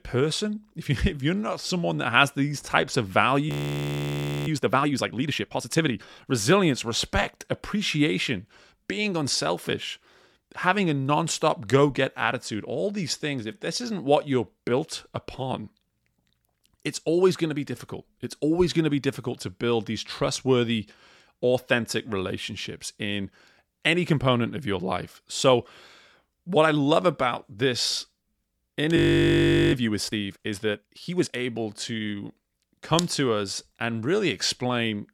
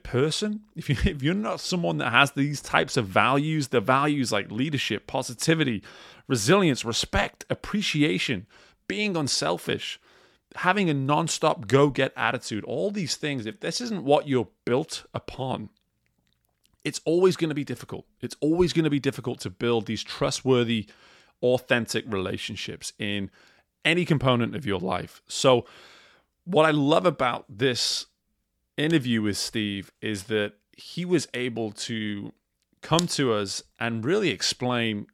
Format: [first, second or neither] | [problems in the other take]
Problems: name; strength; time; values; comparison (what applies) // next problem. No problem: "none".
second | audio freezing; at 3.5 s for 1 s and at 29 s for 1 s